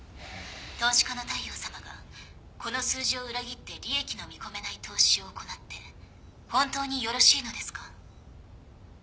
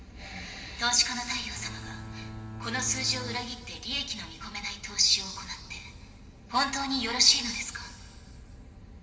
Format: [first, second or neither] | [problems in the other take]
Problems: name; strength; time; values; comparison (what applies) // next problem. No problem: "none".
first | background sound (Bowed string instrument); 10 dB below the speech // room echo; dies away in 2.1 s